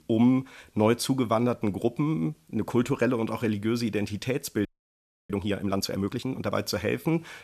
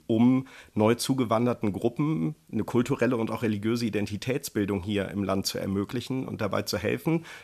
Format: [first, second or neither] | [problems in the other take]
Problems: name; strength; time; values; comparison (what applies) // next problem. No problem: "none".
second | audio freezing; at 4.5 s for 0.5 s